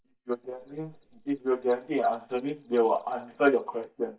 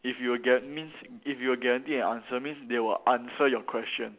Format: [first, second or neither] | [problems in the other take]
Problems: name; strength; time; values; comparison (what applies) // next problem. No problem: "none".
second | noise reduction (neural mask model DeepFilterNet 3)